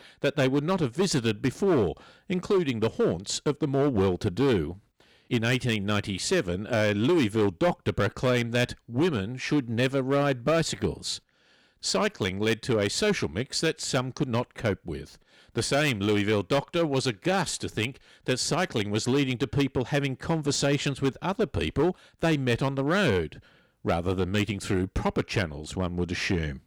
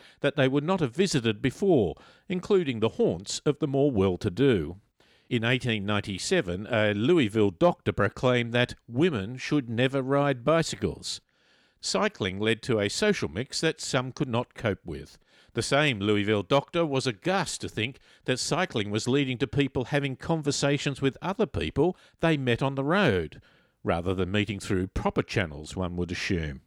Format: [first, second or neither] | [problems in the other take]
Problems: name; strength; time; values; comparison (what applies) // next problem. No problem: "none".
second | distortion; slight; 7% of the sound clipped